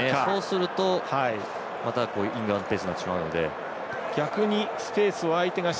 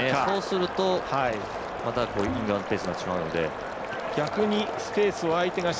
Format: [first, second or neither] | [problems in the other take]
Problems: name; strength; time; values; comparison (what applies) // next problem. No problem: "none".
first | background sound (Water / Liquid + Bowed string instrument); 14 dB below the speech